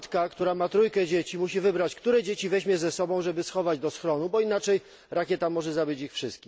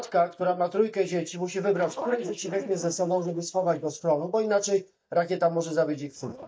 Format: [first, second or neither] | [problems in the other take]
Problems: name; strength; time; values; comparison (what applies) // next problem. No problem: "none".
first | noise reduction (neural mask model DeepFilterNet 3)